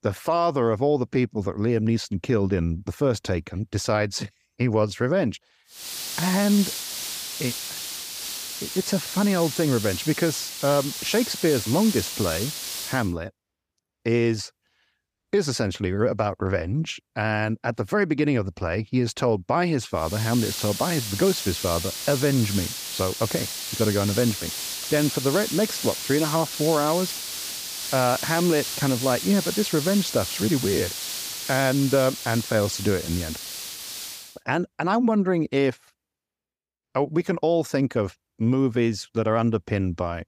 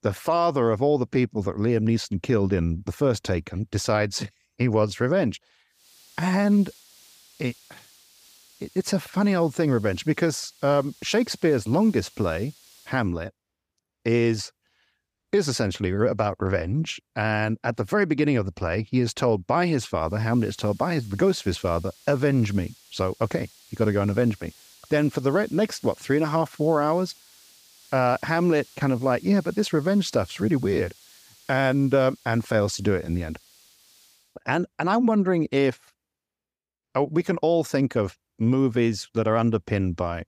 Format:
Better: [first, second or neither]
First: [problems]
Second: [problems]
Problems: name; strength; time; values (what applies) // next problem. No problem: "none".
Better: second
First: hiss; loud; from 6 to 13 s and from 20 to 34 s; 5 dB below the speech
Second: hiss; faint; from 6 to 13 s and from 20 to 34 s; 25 dB below the speech